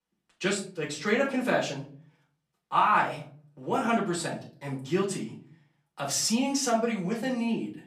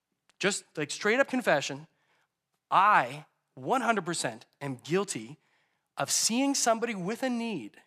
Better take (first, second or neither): second